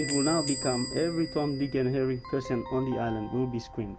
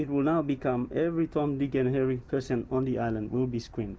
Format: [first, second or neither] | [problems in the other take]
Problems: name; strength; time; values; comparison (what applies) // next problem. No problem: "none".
second | background sound (Keyboard (musical) + Door / Bell); 8 dB below the speech